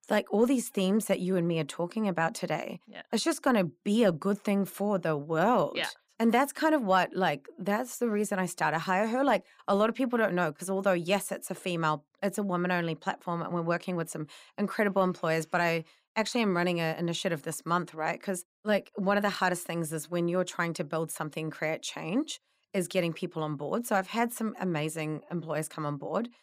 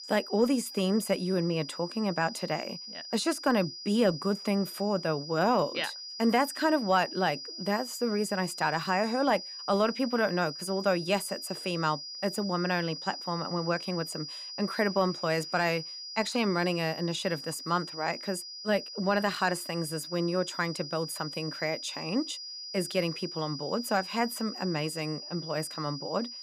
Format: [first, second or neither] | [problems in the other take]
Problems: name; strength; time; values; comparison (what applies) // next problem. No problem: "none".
first | high-pitched whine; loud; throughout; 5 kHz, 9 dB below the speech